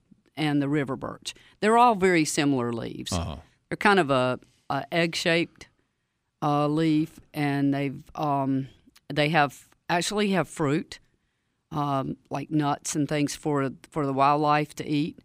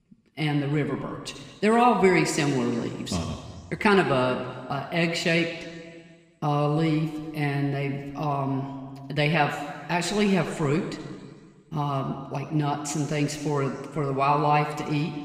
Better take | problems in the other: first | room echo; slight; dies away in 1.7 s

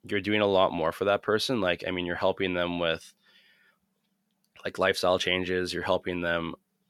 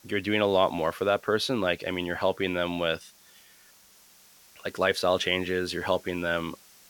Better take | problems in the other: first | hiss; faint; throughout; 25 dB below the speech

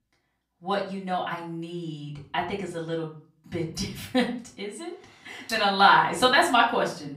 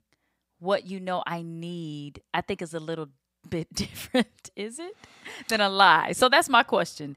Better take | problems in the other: second | off-mic speech; far // room echo; slight; dies away in 0.4 s

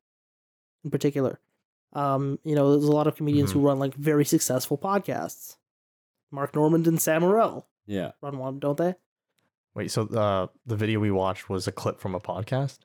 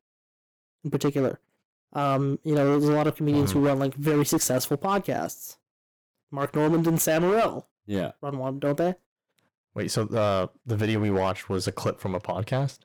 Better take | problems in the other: first | distortion; slight; 10% of the sound clipped

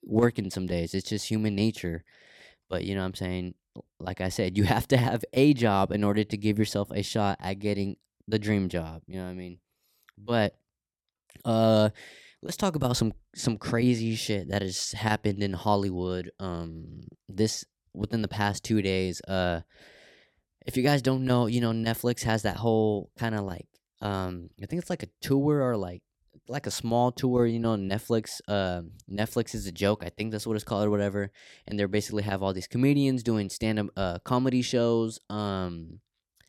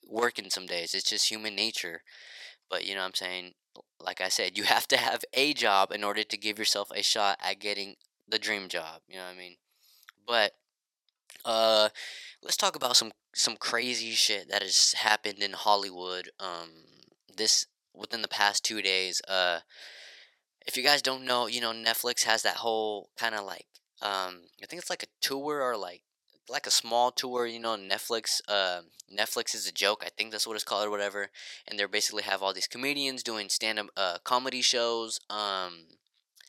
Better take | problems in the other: first | thin; very; fading below 800 Hz

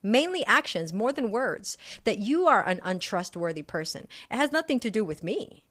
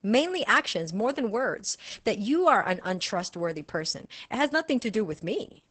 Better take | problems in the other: first | garbled, watery; badly; nothing above 8 kHz; slightly in the first

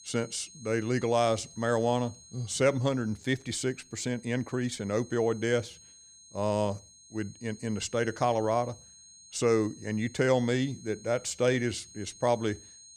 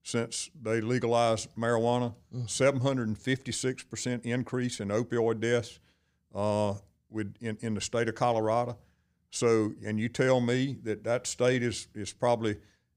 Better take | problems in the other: second | high-pitched whine; faint; throughout; 6.5 kHz, 20 dB below the speech

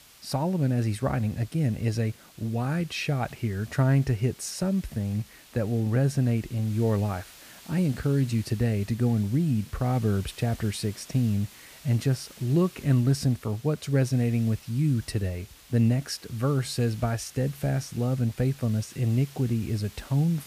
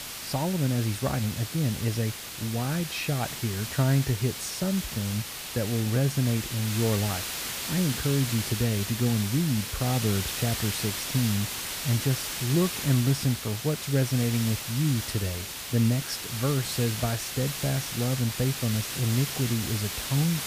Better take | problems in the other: first | hiss; loud; throughout; 4 dB below the speech; faint in the first

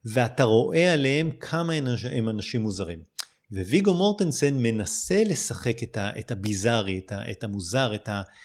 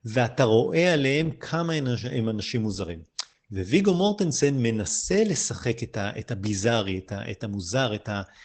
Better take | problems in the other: first | garbled, watery; badly; nothing above 8 kHz; slightly in the first

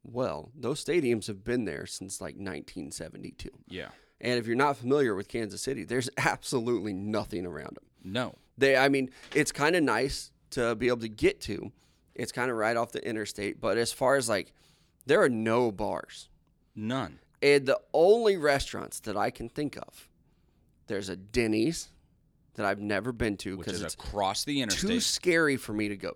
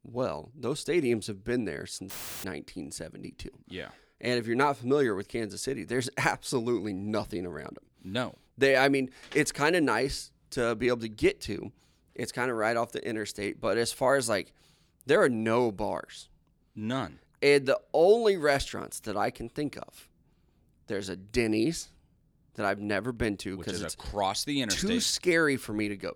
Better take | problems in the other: first | audio cutting out; filled with static; at 2 s

